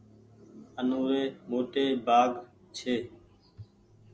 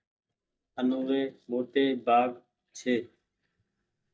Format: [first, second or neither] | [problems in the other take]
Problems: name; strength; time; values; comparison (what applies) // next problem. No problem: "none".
first | noise reduction (neural mask model DeepFilterNet 3)